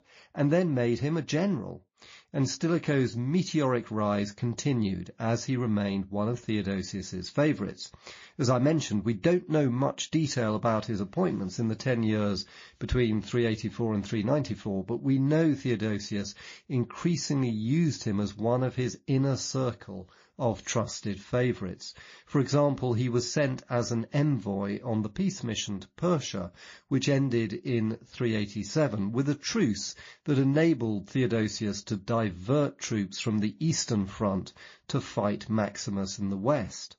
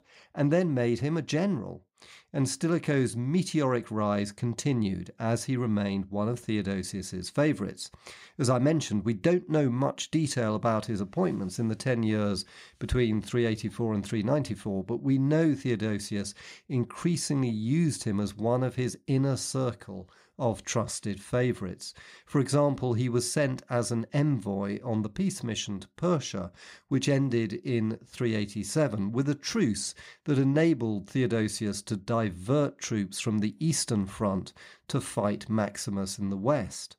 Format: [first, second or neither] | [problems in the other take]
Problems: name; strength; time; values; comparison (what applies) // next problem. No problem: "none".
second | garbled, watery; slightly